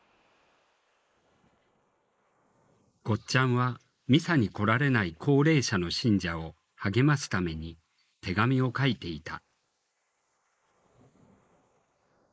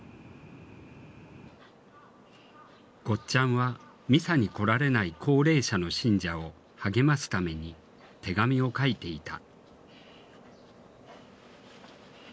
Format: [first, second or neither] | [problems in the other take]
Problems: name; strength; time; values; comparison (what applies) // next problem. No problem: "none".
second | noise reduction (neural mask model Resemble Enhance denoiser)